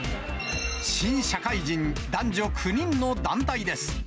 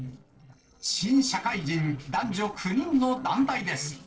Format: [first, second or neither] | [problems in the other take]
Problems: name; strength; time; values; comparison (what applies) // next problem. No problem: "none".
first | noise reduction (neural separator model SepFormer DNS4)